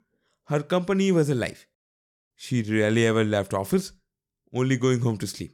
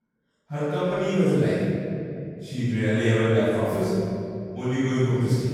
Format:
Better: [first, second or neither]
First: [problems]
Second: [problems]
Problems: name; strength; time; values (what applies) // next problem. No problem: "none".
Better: first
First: none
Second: off-mic speech; far // room echo; strong; dies away in 2.7 s